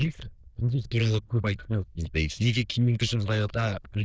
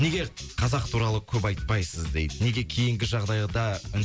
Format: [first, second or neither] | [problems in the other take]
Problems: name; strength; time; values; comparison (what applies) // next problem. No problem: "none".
second | noise reduction (neural diffusion model UNIVERSE++)